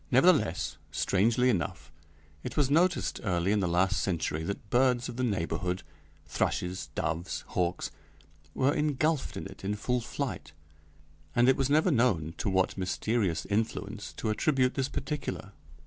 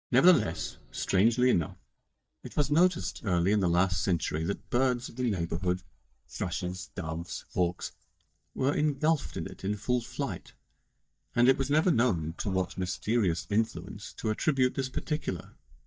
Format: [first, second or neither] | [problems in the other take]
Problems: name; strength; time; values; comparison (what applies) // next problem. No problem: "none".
first | noise reduction (neural mask model DeepFilterNet 3)